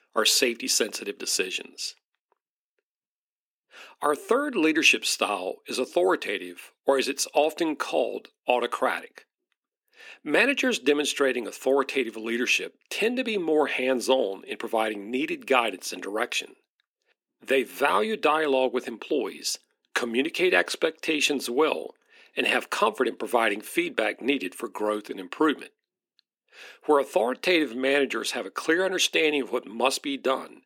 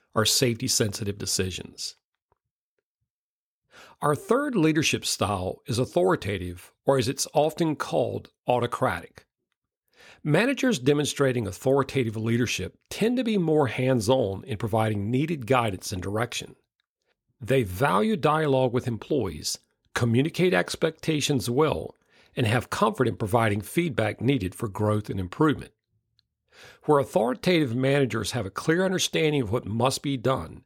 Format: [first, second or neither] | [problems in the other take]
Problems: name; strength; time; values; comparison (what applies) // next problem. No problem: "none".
second | thin; somewhat; fading below 250 Hz